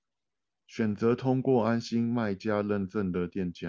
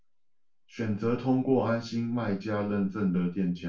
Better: first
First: none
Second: room echo; dies away in 0.3 s

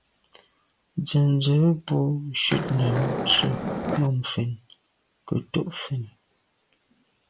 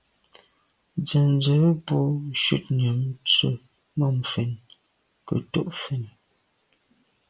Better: second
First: background sound (Skateboard); 2 dB below the speech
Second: none

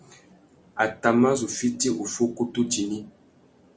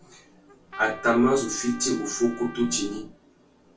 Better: first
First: none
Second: background sound (Trumpet); 17 dB below the speech // room echo; dies away in 0.2 s

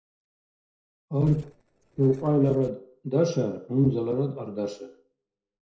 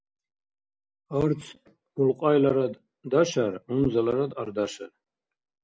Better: second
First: noise reduction (neural separator model SepFormer DNS4)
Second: none

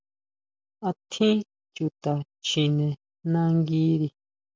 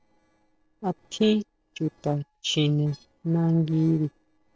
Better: first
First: none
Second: noise reduction (neural separator model SepFormer DNS4)

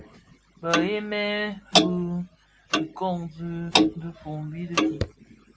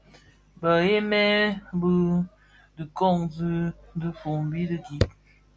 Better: second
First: background sound (Clock); 3 dB above the speech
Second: none

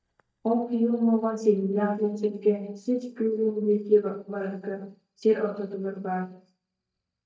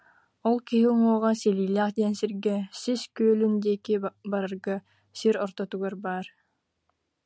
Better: second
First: noise reduction (neural mask model DeepFilterNet 3)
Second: none

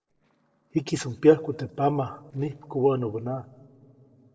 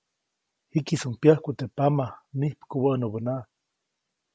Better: second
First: noise reduction (neural separator model SepFormer DNS4)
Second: none

